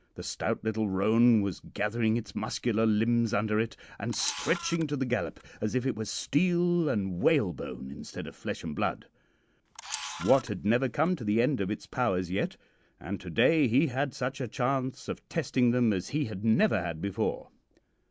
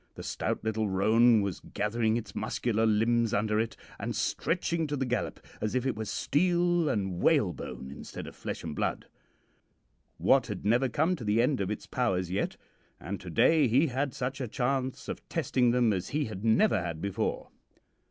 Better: second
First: background sound (Camera); 14 dB below the speech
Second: none

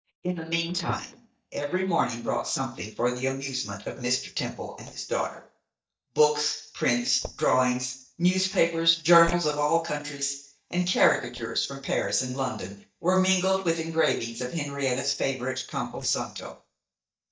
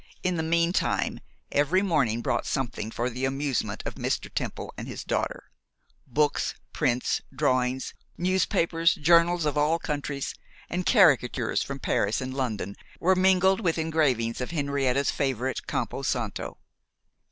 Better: second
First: noise reduction (neural mask model DeepFilterNet 3)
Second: none

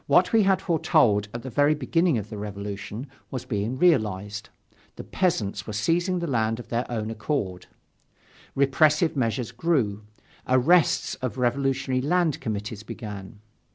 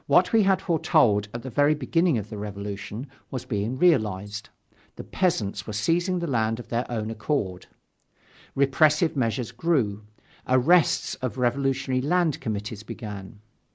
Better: first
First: none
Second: noise reduction (neural mask model Resemble Enhance denoiser)

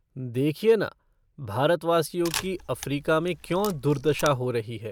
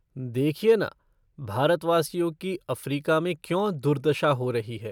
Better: second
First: background sound (Camera); 13 dB below the speech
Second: none

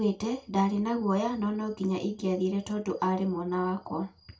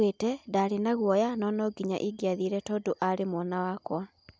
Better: second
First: room echo; dies away in 0.2 s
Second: none

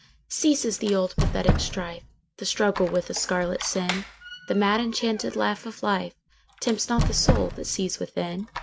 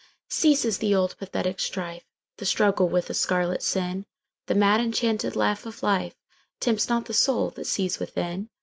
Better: second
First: background sound (Squeak); 4 dB below the speech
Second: none

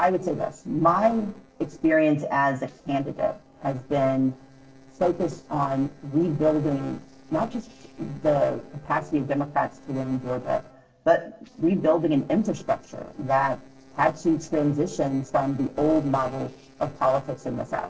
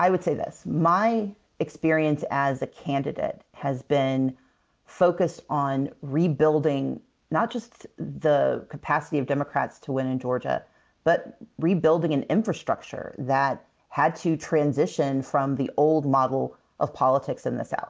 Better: second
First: noise reduction (neural separator model SepFormer DNS4)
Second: none

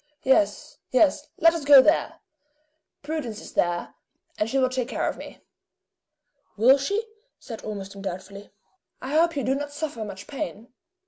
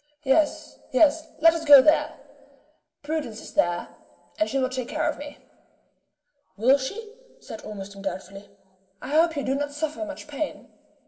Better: first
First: none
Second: room echo; dies away in 1.5 s

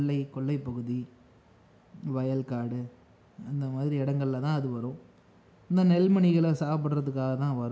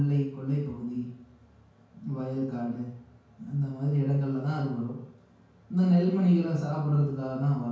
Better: first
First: none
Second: room echo; dies away in 0.5 s

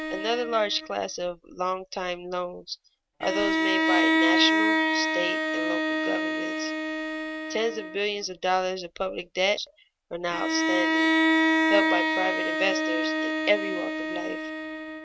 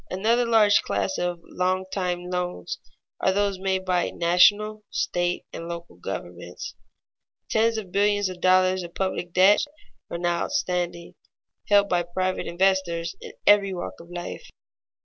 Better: second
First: noise reduction (neural mask model RNNoise)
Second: none

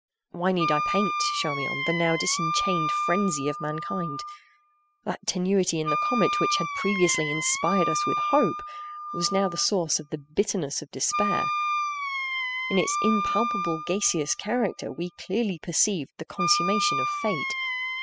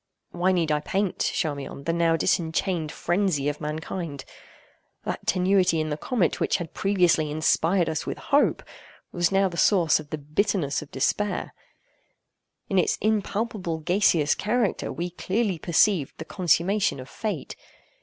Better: second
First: noise reduction (classical method spectral subtraction)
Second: none

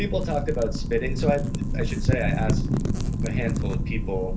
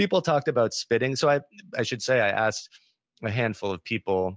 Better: second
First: background sound (Wind / Fire); 4 dB above the speech // room echo; dies away in 0.3 s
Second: none

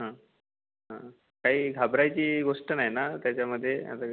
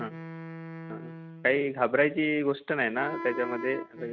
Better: first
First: none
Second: noise reduction (neural mask model RNNoise)

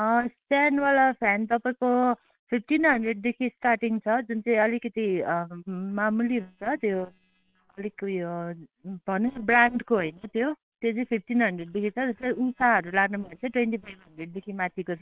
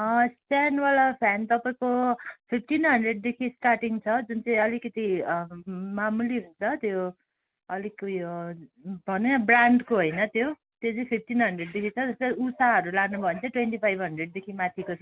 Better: second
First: noise reduction (neural separator model SepFormer WHAM!)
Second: none

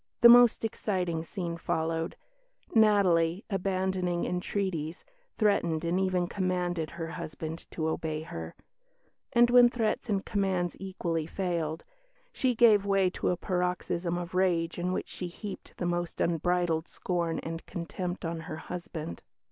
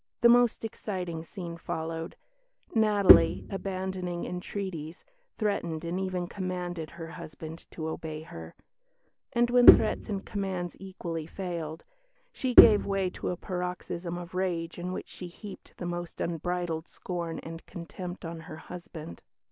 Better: first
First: none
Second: background sound (Bowed string instrument); 5 dB above the speech

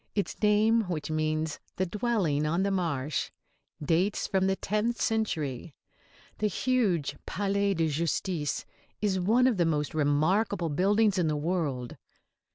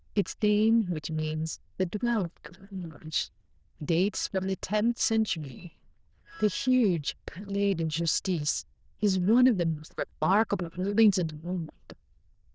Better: first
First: none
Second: noise reduction (neural diffusion model UNIVERSE++)

